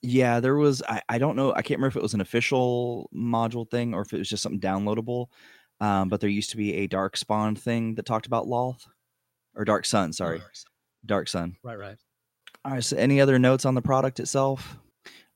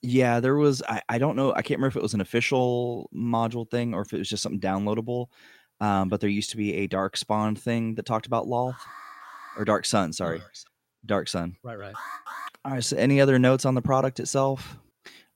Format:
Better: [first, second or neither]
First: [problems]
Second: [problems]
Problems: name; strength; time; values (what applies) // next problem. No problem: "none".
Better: first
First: none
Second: alarm; faint; at 8.5 s and at 12 s; peak 10 dB below the speech